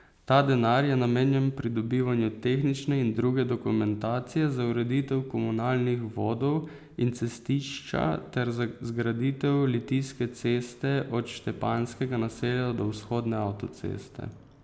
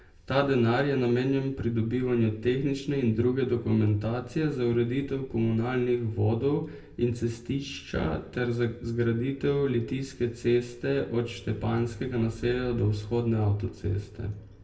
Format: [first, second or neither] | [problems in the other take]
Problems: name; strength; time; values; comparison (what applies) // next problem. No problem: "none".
first | room echo; dies away in 0.2 s